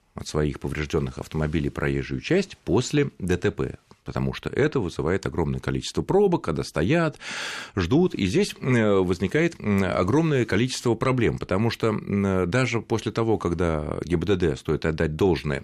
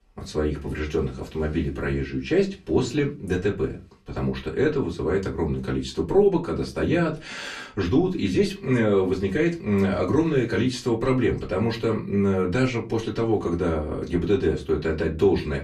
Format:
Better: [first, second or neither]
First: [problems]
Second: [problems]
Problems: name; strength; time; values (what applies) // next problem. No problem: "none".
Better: first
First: none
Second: off-mic speech; far // room echo; very slight; dies away in 0.2 s